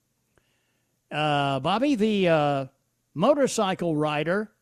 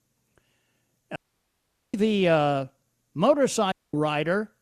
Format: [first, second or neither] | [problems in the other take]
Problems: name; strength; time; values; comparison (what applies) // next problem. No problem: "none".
first | audio cutting out; at 1 s for 1 s and at 3.5 s